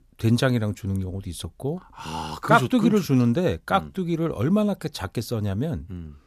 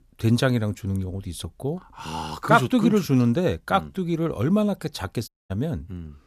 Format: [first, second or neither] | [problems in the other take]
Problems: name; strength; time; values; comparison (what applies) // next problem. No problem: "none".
first | audio cutting out; at 5.5 s